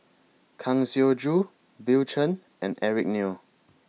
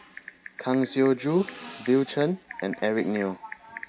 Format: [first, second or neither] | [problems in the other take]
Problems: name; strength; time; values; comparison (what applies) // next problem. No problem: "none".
first | background sound (Typing); 15 dB below the speech